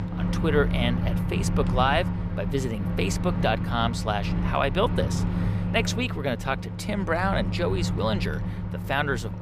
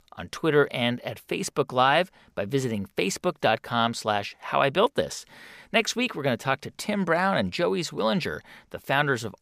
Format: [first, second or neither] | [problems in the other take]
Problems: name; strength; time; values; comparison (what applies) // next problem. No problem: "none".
second | household noises; loud; throughout; 1 dB below the speech